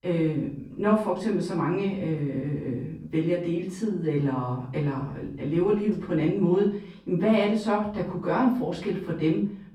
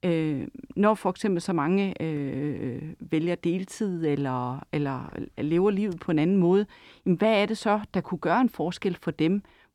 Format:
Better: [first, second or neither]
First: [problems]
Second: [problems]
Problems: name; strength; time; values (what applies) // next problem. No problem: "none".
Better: second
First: off-mic speech; far // room echo; noticeable; dies away in 0.5 s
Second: none